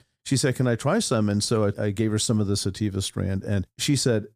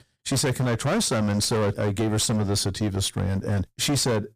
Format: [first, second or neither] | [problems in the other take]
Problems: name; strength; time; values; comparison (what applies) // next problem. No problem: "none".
first | distortion; heavy; 23% of the sound clipped